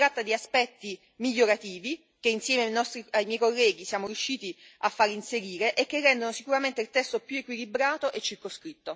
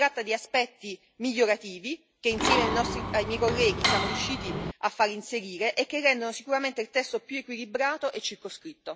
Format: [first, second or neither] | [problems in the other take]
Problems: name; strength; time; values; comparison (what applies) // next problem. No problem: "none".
first | background sound (Mechanisms); as loud as the speech